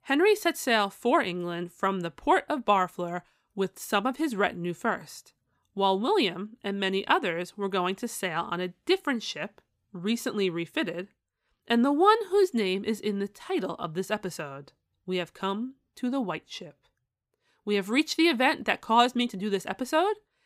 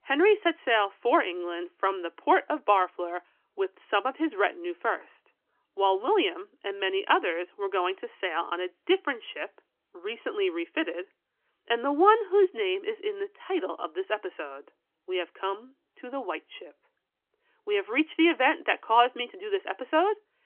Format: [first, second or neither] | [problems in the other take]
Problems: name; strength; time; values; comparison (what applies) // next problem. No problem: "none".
first | phone-call audio; nothing above 3.5 kHz